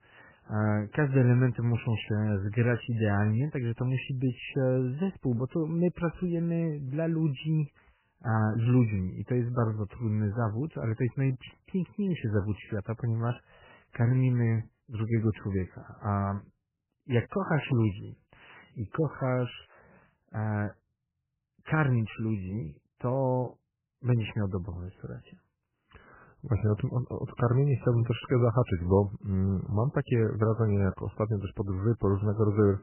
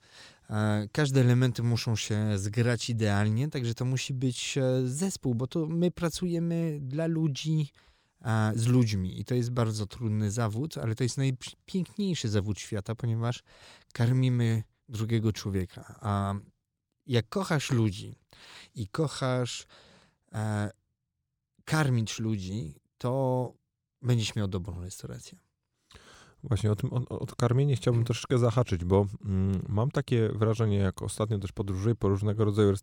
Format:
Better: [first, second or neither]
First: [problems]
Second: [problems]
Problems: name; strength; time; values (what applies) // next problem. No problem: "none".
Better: second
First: garbled, watery; badly; nothing above 3 kHz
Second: none